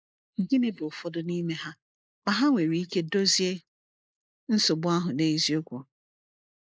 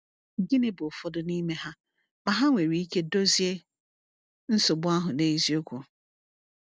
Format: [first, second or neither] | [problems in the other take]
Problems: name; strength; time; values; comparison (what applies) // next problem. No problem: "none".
second | noise reduction (neural mask model Resemble Enhance denoiser)